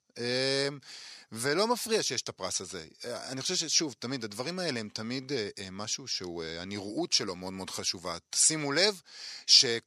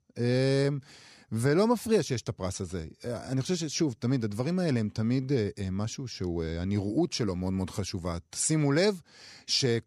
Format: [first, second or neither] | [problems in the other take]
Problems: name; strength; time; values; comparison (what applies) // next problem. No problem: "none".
second | thin; somewhat; fading below 950 Hz